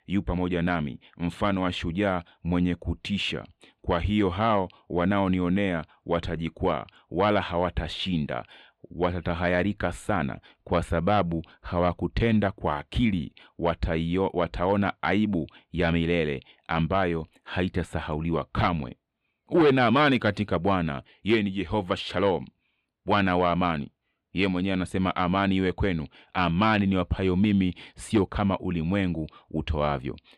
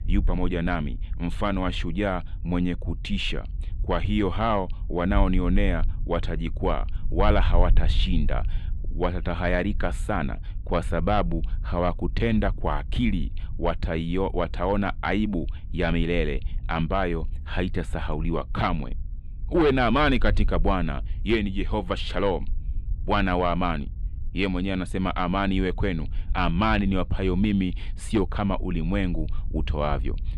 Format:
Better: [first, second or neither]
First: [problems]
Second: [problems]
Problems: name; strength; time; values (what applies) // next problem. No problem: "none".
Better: first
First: none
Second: wind noise on the microphone; occasional gusts; 25 dB below the speech